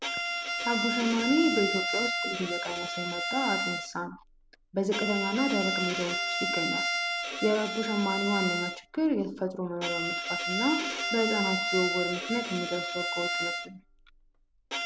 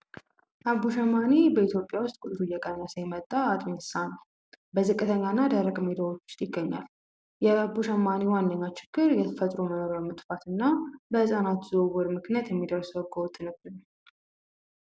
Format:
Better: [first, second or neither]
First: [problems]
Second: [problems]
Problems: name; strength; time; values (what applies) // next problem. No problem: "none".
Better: second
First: background sound (Bowed string instrument); 1 dB below the speech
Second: none